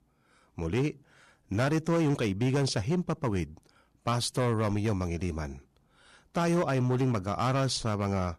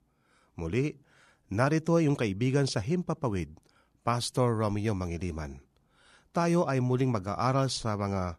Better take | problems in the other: second | distortion; slight; 9% of the sound clipped

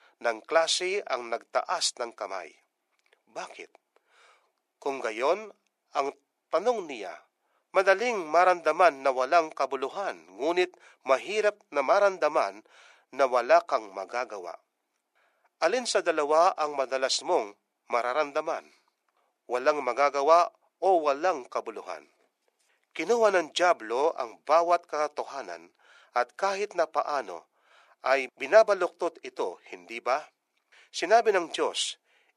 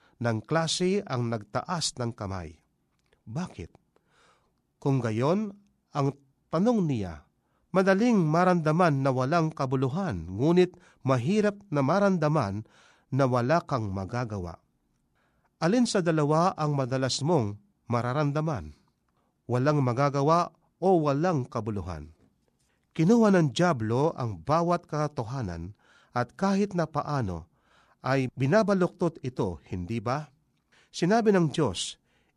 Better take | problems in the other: second | thin; very; fading below 400 Hz

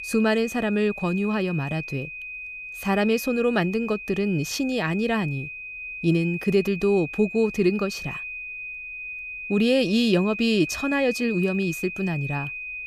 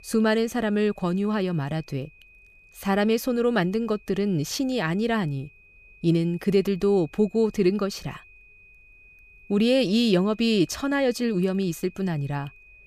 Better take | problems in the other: second | high-pitched whine; loud; throughout; 2.5 kHz, 9 dB below the speech; faint in the second

